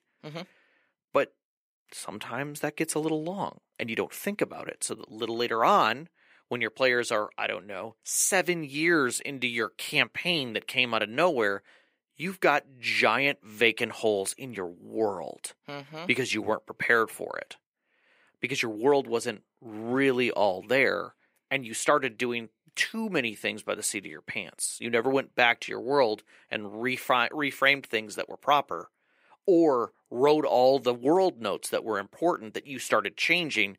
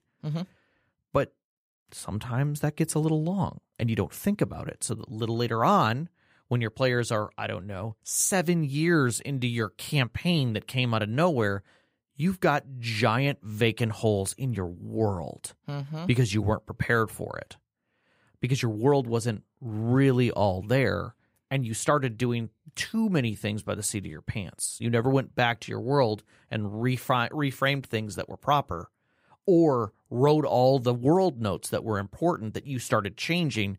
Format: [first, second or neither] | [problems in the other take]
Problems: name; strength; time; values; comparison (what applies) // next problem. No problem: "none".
second | thin; somewhat; fading below 350 Hz